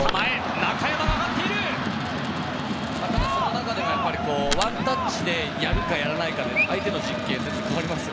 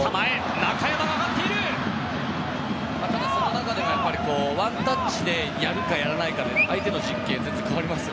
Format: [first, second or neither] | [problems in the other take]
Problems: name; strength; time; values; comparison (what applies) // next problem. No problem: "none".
second | background sound (Coin (dropping) + Bass drum); 9 dB below the speech